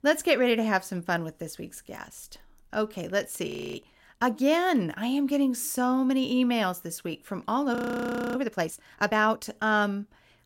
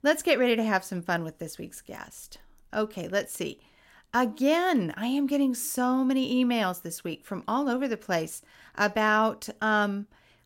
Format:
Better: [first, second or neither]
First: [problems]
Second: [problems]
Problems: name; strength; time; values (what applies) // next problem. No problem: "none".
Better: second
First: audio freezing; at 3.5 s and at 8 s for 0.5 s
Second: none